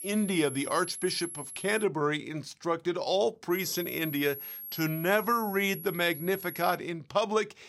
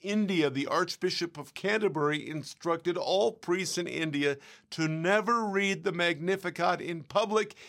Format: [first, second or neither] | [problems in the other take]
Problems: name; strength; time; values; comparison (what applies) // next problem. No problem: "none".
second | high-pitched whine; loud; until 2 s and from 3.5 to 7 s; 11 kHz, 9 dB below the speech